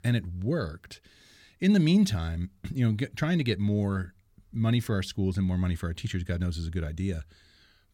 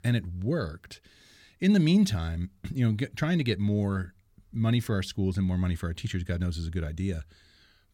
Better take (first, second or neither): neither